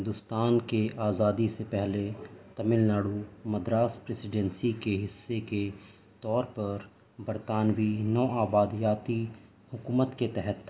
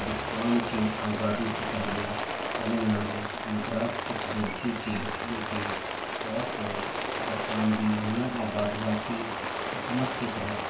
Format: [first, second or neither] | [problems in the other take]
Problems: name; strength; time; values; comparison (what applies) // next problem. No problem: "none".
first | background sound (Rain); 2 dB below the speech // room echo; dies away in 0.3 s